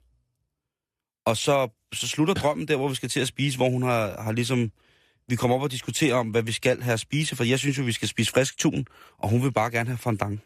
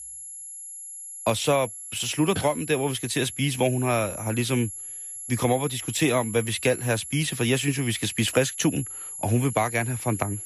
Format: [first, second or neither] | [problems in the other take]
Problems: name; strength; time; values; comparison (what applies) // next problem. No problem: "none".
first | high-pitched whine; loud; throughout; 11 kHz, 9 dB below the speech